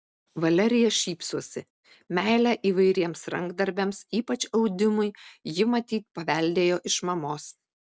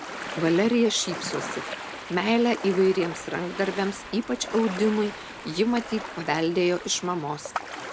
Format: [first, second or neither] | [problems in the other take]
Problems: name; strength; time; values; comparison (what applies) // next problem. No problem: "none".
first | background sound (Ocean); 11 dB below the speech